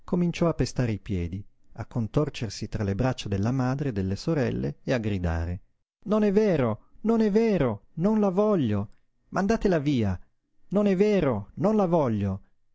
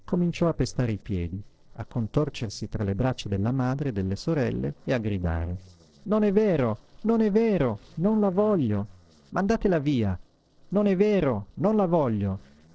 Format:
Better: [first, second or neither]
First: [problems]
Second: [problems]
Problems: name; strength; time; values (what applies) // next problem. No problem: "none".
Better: first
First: none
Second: noise reduction (neural separator model SepFormer DNS4)